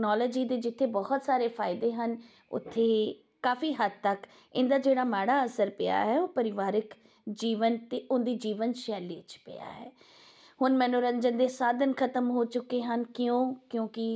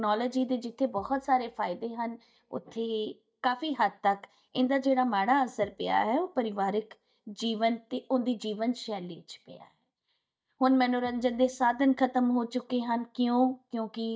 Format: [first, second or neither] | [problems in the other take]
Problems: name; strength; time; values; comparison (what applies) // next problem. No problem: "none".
first | noise reduction (neural mask model DeepFilterNet 3)